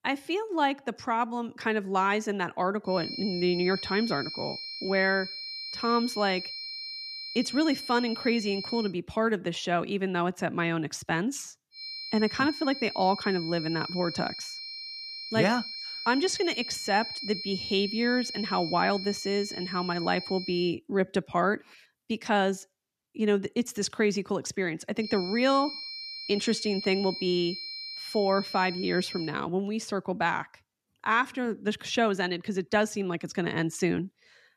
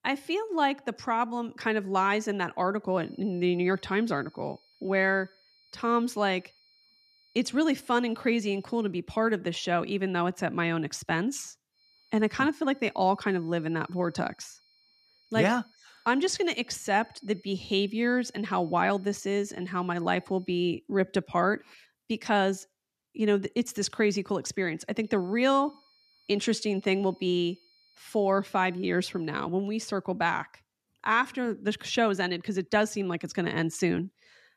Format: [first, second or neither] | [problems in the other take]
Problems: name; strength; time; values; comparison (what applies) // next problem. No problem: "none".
second | high-pitched whine; loud; from 3 to 9 s, from 12 to 21 s and from 25 to 29 s; 4 kHz, 7 dB below the speech; faint in the second